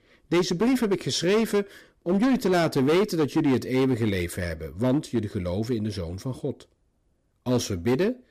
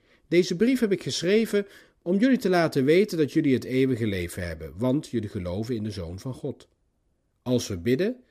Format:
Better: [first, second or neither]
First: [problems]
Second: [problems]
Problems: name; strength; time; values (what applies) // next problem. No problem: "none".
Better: second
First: distortion; slight; 9% of the sound clipped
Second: none